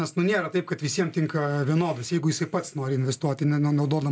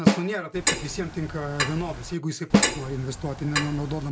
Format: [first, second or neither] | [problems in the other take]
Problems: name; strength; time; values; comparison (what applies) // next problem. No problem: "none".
first | background sound (Clock + Snare drum); 3 dB above the speech